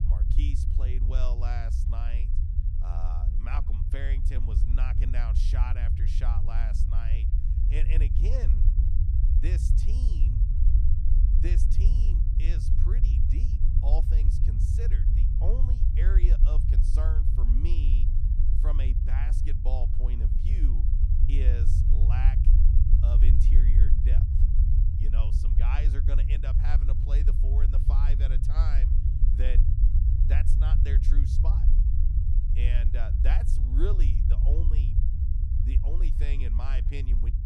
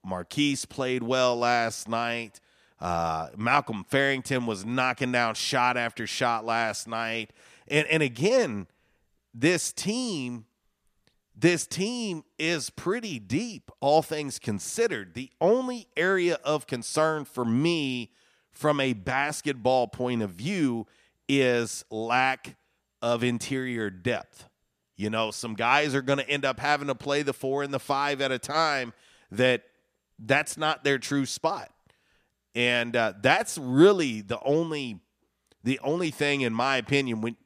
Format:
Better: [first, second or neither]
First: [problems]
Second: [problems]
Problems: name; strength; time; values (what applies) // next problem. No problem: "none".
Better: second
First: low rumble; loud; throughout; 1 dB below the speech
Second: none